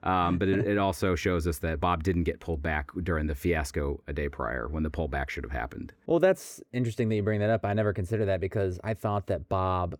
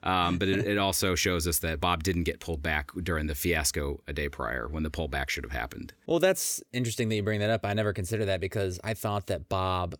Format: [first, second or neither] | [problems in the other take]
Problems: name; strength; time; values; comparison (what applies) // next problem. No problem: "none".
second | muffled; slightly; fading above 2.5 kHz